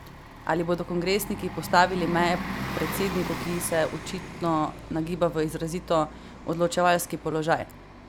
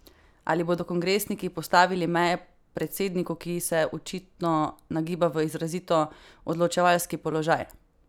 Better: second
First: background sound (Bus); 10 dB below the speech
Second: none

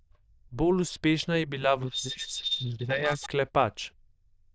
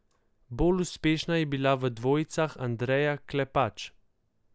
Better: second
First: noise reduction (neural diffusion model UNIVERSE++)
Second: none

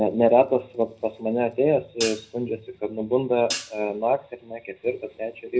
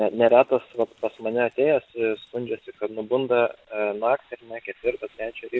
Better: second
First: background sound (Hi-hat); 11 dB below the speech // room echo; dies away in 0.4 s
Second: none

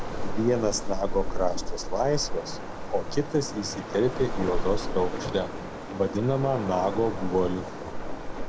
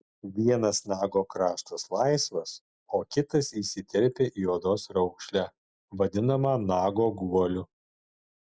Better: second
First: background sound (Waves, surf); 1 dB below the speech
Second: none

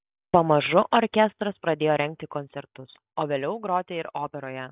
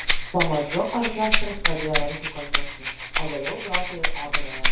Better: first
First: none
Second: background sound (Rattle (instrument)); 5 dB above the speech // room echo; dies away in 0.6 s

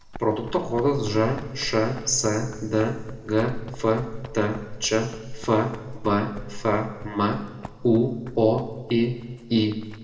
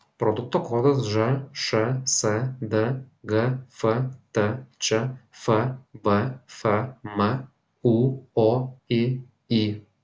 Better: second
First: background sound (Run); 14 dB below the speech // room echo; dies away in 1.2 s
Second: none

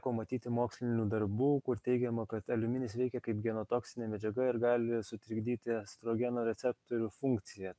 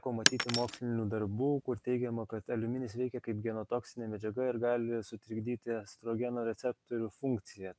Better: first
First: none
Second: background sound (Shatter); 1 dB below the speech

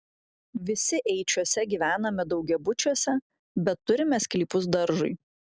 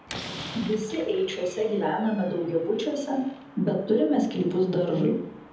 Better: first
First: none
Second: background sound (Slam); 16 dB below the speech // room echo; dies away in 1 s

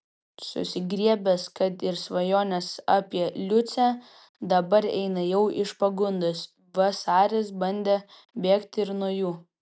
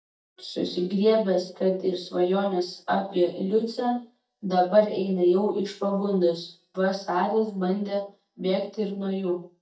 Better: first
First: none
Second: noise reduction (neural mask model DeepFilterNet 3)

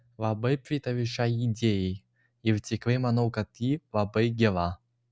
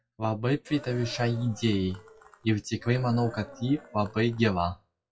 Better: first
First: none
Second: noise reduction (classical method WPE with log-MMSE)

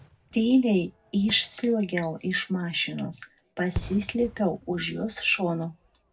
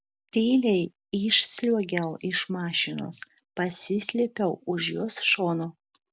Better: second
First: background sound (Fireworks); 16 dB below the speech // room echo; dies away in 0.4 s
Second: none

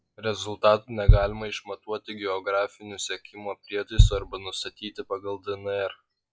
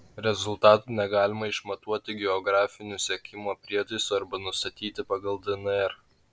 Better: second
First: noise reduction (classical method log-MMSE)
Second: none

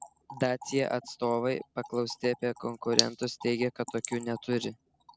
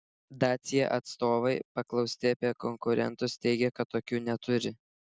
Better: second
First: background sound (Trickle, dribble / Splash, splatter); 8 dB below the speech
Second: none

